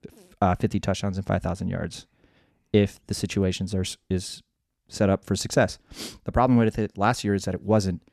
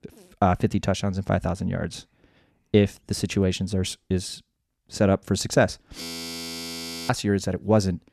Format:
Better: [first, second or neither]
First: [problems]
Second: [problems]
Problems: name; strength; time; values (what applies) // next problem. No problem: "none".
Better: first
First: none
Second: audio freezing; at 6 s for 1 s